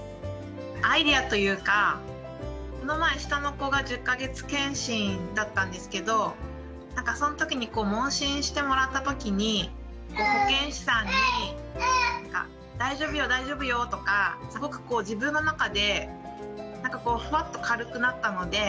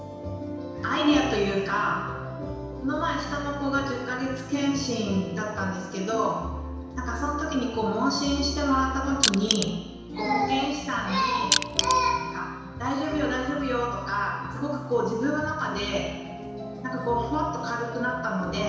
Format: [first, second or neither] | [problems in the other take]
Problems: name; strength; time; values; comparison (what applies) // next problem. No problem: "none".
first | background sound (Crushing); as loud as the speech // room echo; dies away in 1 s